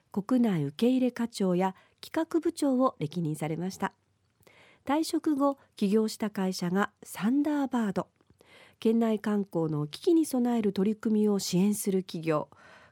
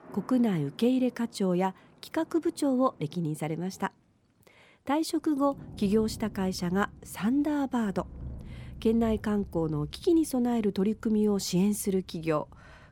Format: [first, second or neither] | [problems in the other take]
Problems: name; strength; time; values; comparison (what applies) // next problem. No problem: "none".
first | rain or running water; noticeable; throughout; 20 dB below the speech